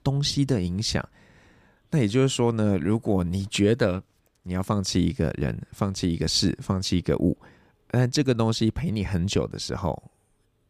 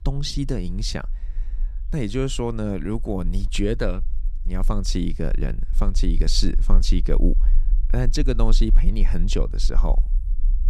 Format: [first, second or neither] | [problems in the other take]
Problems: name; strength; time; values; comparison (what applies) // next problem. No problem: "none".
first | low rumble; faint; throughout; 20 dB below the speech